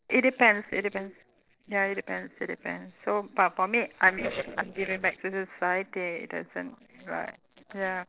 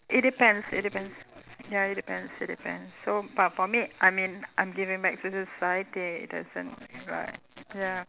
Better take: second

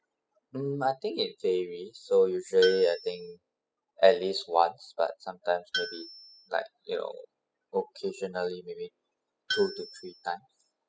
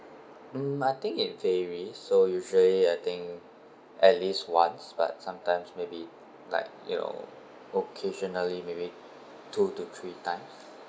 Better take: second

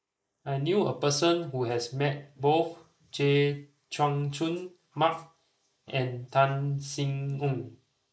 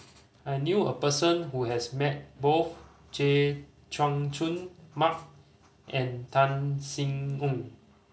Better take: second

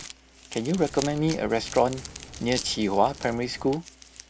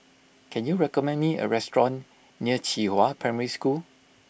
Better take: second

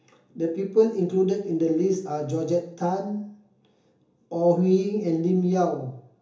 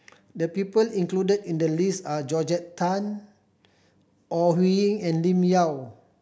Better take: second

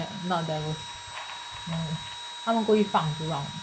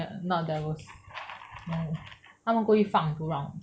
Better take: second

